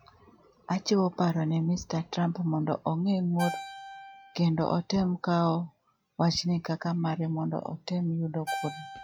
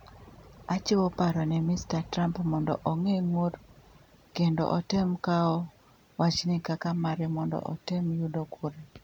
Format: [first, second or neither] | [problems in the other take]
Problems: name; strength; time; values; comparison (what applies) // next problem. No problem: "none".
second | noise reduction (classical method log-MMSE)